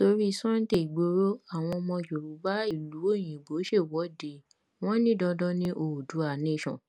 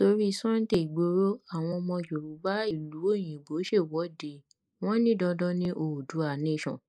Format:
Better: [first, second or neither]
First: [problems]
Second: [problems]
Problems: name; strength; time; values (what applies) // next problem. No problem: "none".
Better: first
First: none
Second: noise reduction (neural mask model Resemble Enhance denoiser)